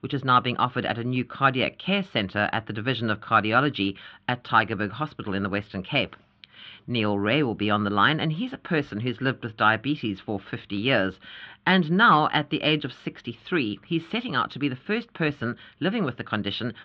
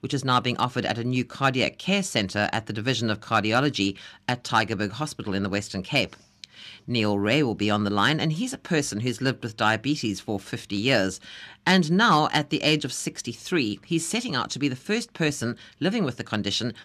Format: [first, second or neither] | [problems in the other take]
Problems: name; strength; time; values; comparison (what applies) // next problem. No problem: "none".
second | muffled; very; fading above 3.5 kHz